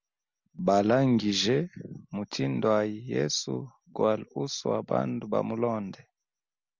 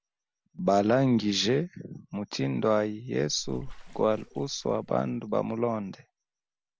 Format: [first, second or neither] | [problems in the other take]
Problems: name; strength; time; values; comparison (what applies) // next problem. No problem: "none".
first | background sound (Bathtub (filling or washing) / Water / Splash, splatter); 16 dB below the speech